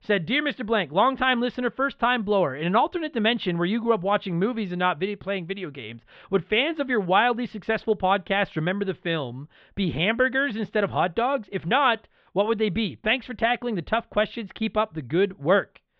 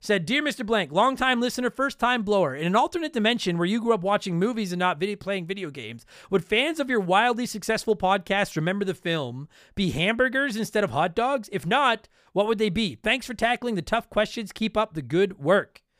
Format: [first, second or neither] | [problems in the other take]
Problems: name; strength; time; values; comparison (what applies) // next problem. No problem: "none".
second | muffled; very; fading above 3.5 kHz